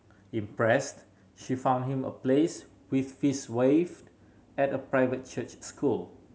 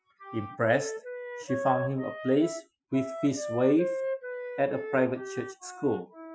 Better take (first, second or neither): first